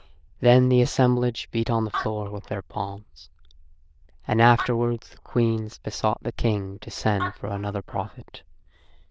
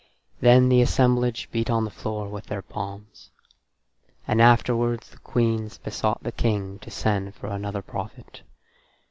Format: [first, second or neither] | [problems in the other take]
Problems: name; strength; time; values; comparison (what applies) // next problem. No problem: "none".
second | noise reduction (neural diffusion model UNIVERSE++)